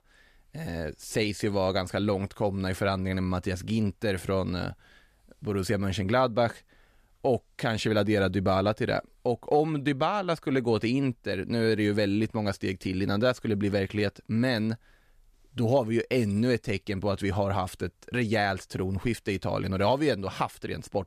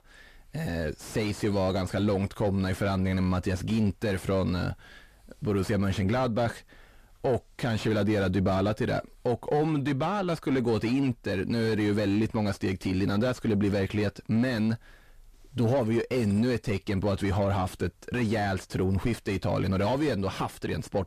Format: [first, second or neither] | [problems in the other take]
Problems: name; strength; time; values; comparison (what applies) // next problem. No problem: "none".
first | distortion; heavy; 8 dB below the speech